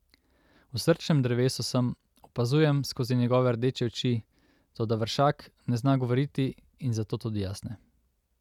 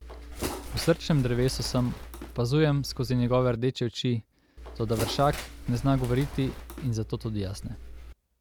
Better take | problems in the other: first | background sound (Bird); 10 dB below the speech

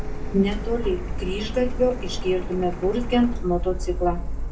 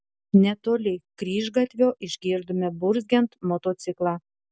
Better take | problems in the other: second | background sound (Printer); 3 dB below the speech // room echo; dies away in 0.2 s

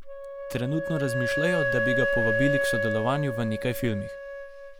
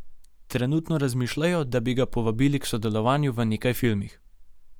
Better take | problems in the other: second | background sound (Wind instrument, woodwind instrument); as loud as the speech

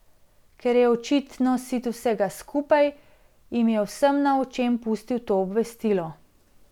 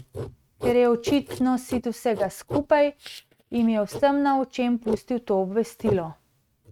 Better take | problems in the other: first | noise reduction (neural mask model RNNoise)

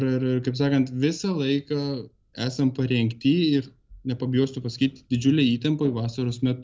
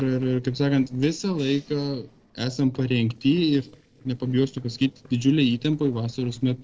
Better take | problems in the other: first | noise reduction (neural separator model SepFormer DNS4)

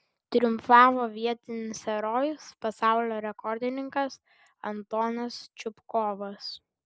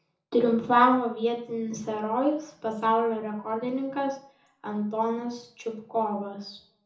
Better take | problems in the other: first | room echo; dies away in 0.6 s

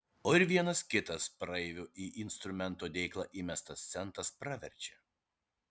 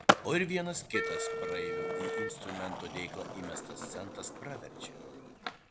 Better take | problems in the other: first | background sound (Wind instrument, woodwind instrument + Skateboard); 4 dB above the speech

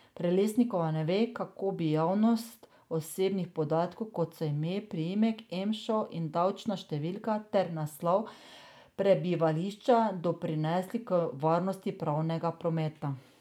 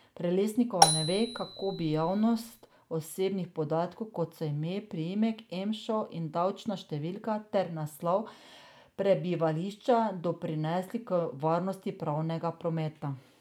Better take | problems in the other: first | background sound (Marimba, xylophone); as loud as the speech

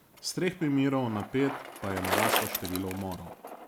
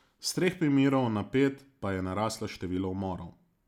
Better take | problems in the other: second | background sound (Bicycle); 4 dB below the speech

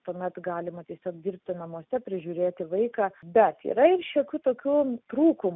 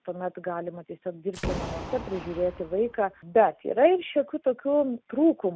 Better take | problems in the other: first | background sound (Boom); 11 dB below the speech

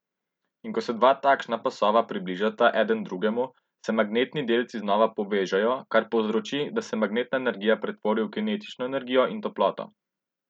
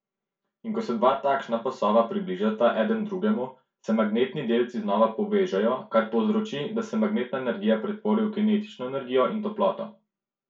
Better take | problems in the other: first | room echo; dies away in 0.2 s

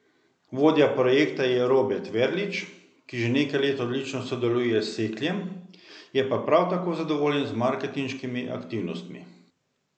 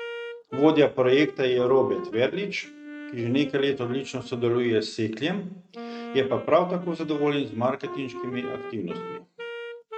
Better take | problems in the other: first | noise reduction (neural mask model RNNoise)

